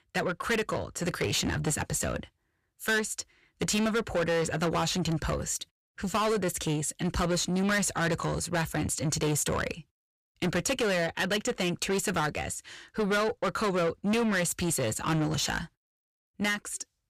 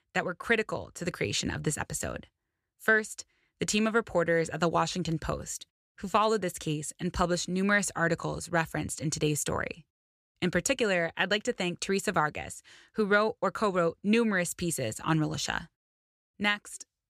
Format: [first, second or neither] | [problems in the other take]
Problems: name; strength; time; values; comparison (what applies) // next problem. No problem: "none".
second | distortion; heavy; 6 dB below the speech